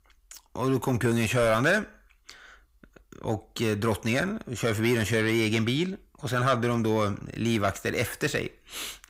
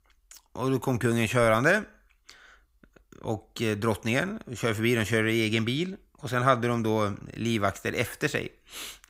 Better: second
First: distortion; slight; 10 dB below the speech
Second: none

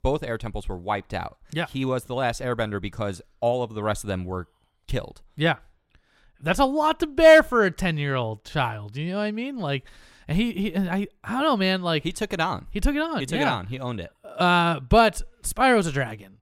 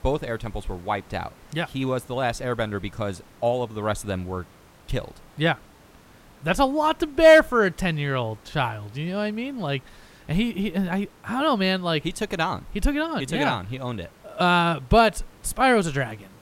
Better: first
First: none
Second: hiss; faint; throughout; 30 dB below the speech

